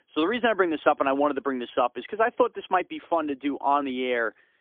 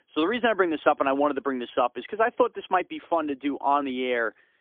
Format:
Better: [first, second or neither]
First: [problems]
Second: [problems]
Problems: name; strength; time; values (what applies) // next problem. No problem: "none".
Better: neither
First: phone-call audio; poor line; nothing above 3.5 kHz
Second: phone-call audio; poor line; nothing above 3.5 kHz